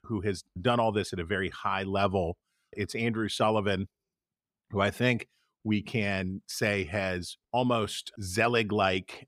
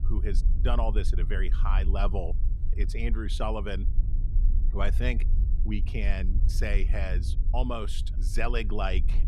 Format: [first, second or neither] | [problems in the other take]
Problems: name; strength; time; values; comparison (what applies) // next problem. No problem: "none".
first | low rumble; noticeable; throughout; 15 dB below the speech